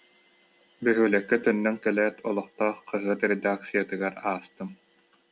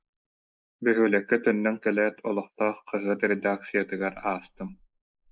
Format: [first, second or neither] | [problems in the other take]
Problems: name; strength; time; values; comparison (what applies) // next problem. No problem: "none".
first | noise reduction (neural mask model Resemble Enhance denoiser)